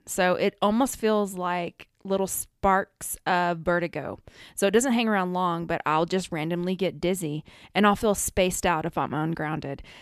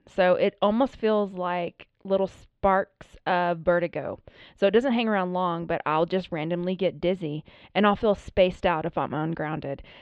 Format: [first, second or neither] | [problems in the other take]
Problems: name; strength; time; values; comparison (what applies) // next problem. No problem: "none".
first | muffled; very; fading above 3.5 kHz